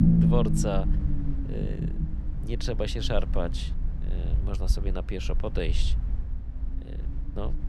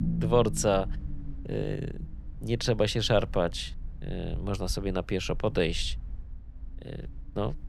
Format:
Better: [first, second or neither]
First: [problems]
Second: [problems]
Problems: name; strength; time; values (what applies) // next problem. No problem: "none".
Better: second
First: low rumble; loud; throughout; 6 dB below the speech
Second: low rumble; faint; throughout; 20 dB below the speech